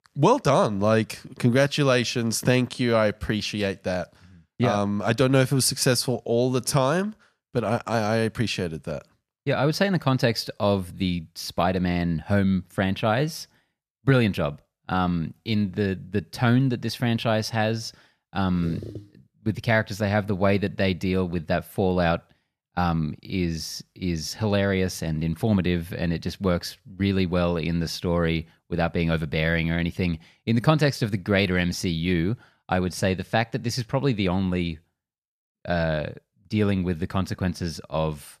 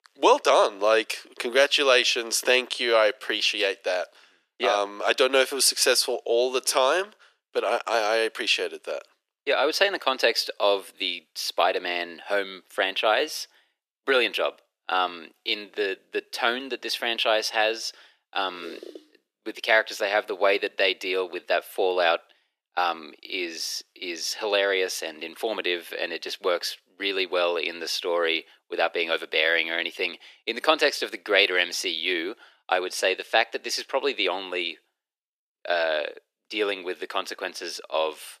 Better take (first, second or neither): first